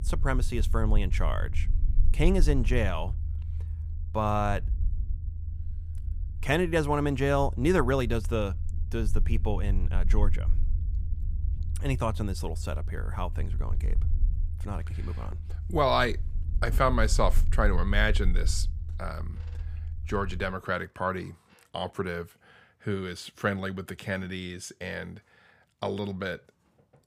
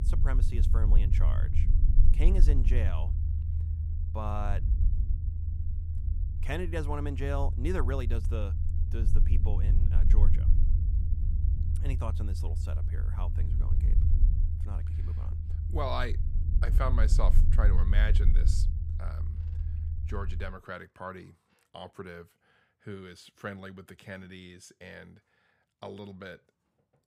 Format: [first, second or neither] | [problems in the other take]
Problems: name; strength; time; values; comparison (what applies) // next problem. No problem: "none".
first | low rumble; loud; until 20 s; 8 dB below the speech; faint in the first